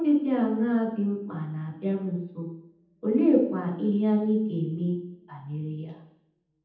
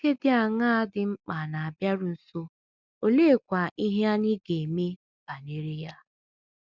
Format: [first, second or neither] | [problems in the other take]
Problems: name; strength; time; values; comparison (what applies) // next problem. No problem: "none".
second | room echo; dies away in 0.8 s